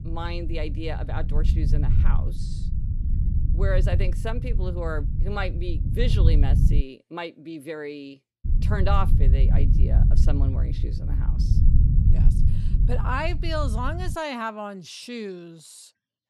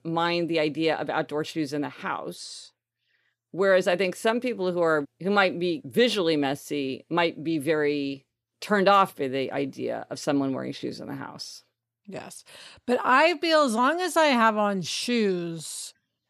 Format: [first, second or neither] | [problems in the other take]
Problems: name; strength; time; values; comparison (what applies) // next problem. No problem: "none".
second | low rumble; loud; until 7 s and from 8.5 to 14 s; 8 dB below the speech